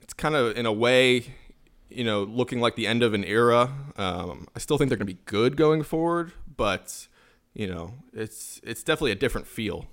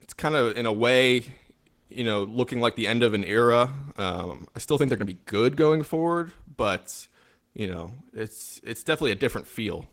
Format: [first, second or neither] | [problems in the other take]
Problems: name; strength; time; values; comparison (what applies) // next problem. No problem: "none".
first | garbled, watery; slightly; nothing above 16 kHz